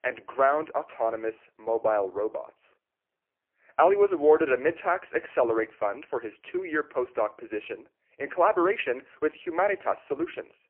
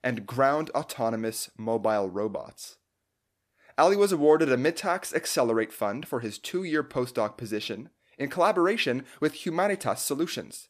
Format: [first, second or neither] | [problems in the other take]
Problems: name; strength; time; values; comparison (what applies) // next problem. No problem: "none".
second | phone-call audio; poor line